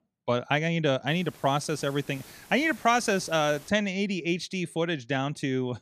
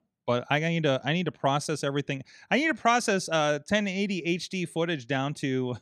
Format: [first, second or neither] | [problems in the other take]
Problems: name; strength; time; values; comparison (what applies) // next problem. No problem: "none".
second | hiss; faint; from 1 to 3.5 s; 20 dB below the speech